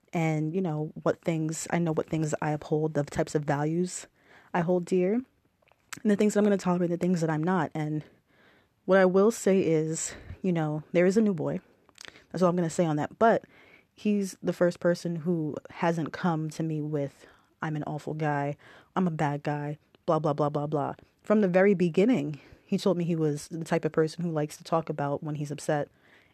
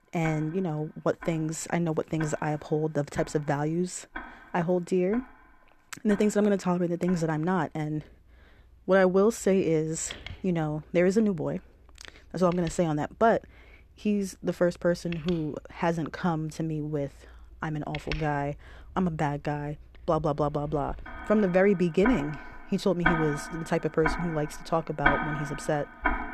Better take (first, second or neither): first